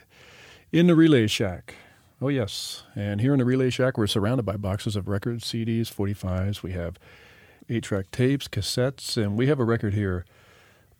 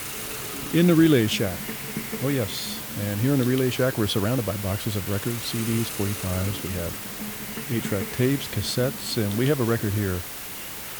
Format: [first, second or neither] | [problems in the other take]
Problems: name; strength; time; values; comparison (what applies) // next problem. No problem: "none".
first | hiss; loud; throughout; 6 dB below the speech